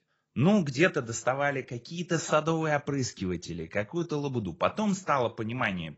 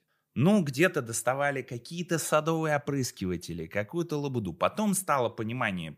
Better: second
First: garbled, watery; badly; nothing above 7.5 kHz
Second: none

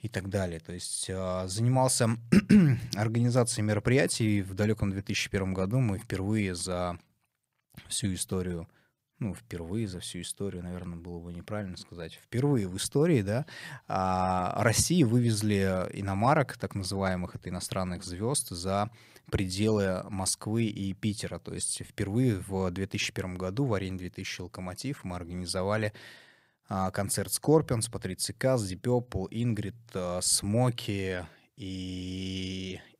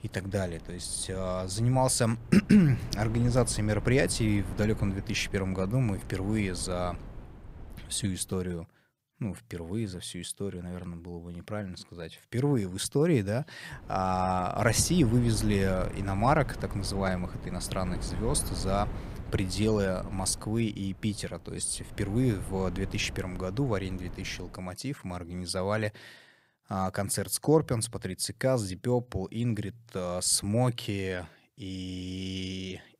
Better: first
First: none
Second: wind noise on the microphone; occasional gusts; until 8.5 s and from 14 to 25 s; 15 dB below the speech

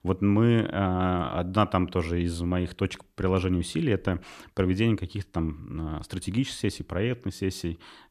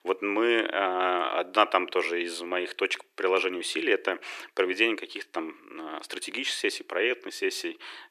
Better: first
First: none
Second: thin; very; fading below 350 Hz

